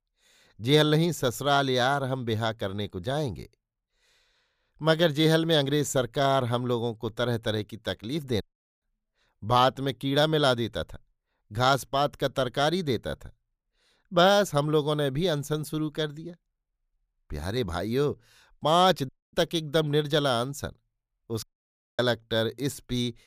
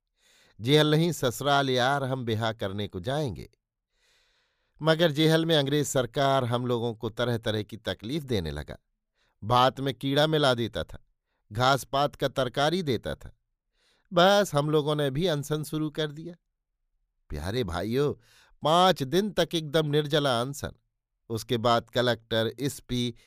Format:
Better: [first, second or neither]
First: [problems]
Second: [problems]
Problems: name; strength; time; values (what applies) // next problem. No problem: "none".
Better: second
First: audio cutting out; at 8.5 s, at 19 s and at 21 s for 0.5 s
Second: none